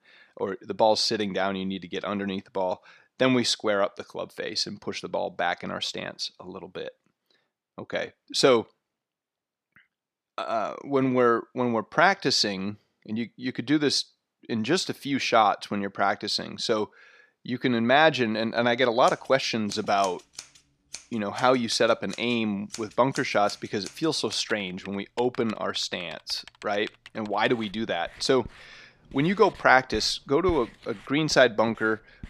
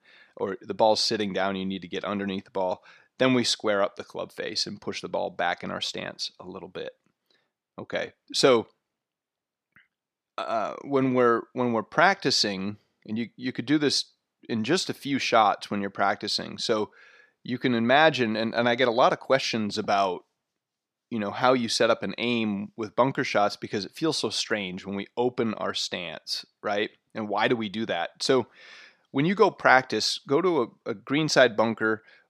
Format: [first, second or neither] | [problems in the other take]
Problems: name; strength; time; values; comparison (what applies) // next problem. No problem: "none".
second | household noises; noticeable; from 19 s on; 20 dB below the speech